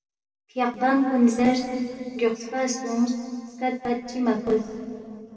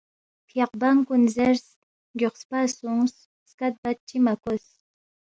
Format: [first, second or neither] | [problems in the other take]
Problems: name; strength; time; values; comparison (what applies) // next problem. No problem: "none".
second | room echo; dies away in 2.3 s